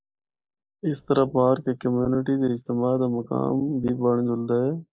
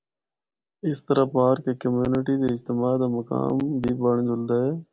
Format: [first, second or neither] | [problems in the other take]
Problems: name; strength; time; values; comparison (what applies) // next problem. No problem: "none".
second | noise reduction (neural mask model Resemble Enhance denoiser)